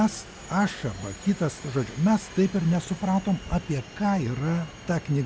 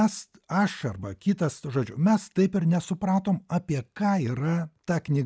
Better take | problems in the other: second | background sound (Subway, metro, underground); 15 dB below the speech

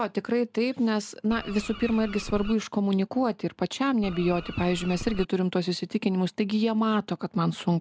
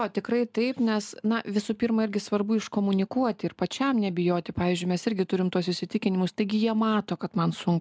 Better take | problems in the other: second | background sound (Bird); 11 dB below the speech

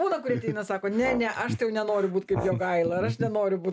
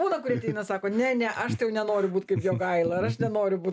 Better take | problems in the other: second | background sound (Brass instrument); 13 dB below the speech

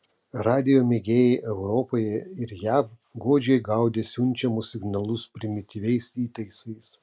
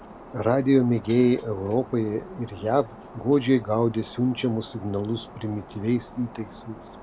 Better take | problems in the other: first | background sound (Shatter); 19 dB below the speech

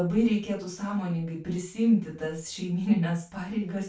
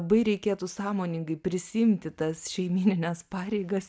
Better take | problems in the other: second | room echo; dies away in 0.3 s

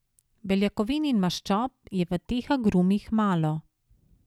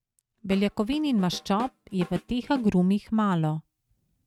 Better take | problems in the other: first | noise reduction (neural mask model RNNoise)

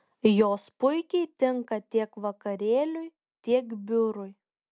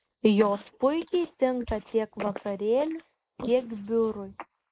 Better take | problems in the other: first | noise reduction (neural mask model Resemble Enhance denoiser)

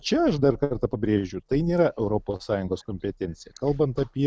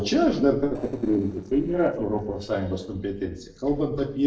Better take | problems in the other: first | noise reduction (neural separator model SepFormer DNS4)

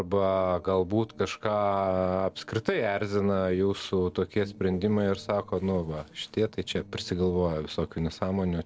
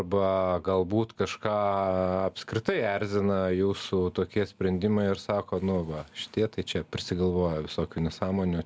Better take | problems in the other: second | noise reduction (neural separator model SepFormer DNS4)

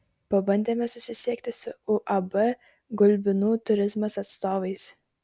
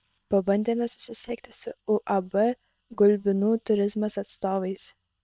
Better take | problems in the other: first | noise reduction (neural separator model SepFormer WHAM!)

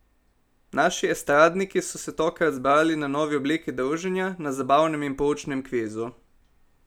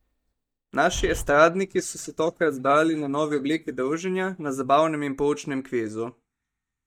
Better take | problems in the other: first | noise reduction (neural mask model DeepFilterNet 3)

